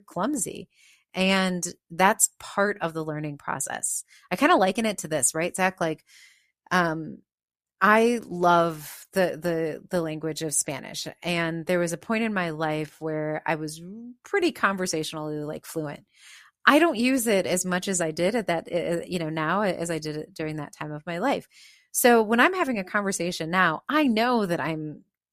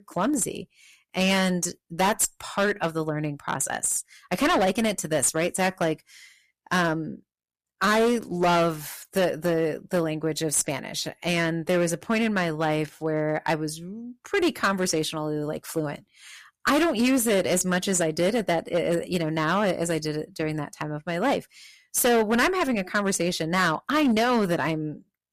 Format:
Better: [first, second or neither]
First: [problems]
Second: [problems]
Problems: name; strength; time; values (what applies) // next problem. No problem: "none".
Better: first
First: none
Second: distortion; heavy; 8% of the sound clipped